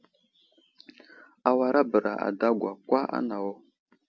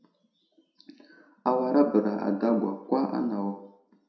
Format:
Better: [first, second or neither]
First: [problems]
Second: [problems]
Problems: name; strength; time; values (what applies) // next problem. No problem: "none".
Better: first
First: none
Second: room echo; dies away in 0.5 s